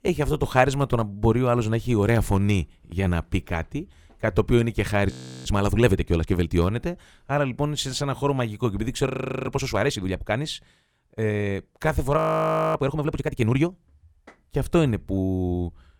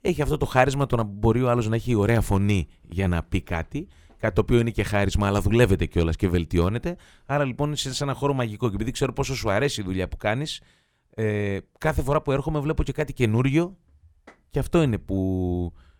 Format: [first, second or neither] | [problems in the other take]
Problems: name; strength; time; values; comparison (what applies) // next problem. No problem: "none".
second | audio freezing; at 5 s, at 9 s and at 12 s for 0.5 s